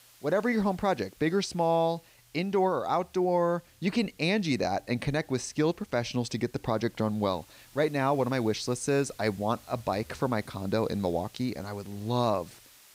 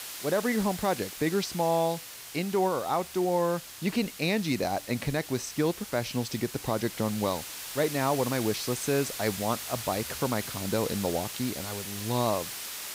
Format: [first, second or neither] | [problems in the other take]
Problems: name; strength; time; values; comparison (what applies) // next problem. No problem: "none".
first | hiss; loud; throughout; 8 dB below the speech; faint in the first